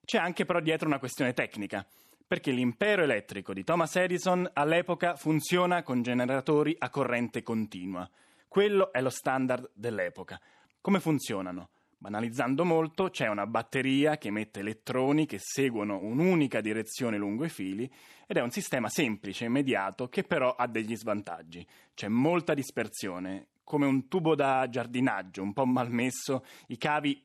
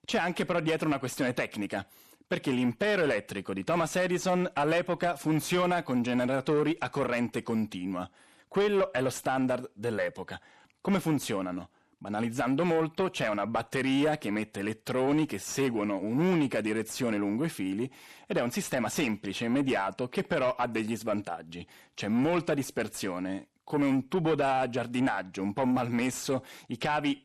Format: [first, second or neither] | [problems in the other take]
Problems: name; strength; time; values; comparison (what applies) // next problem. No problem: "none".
first | distortion; slight; 10 dB below the speech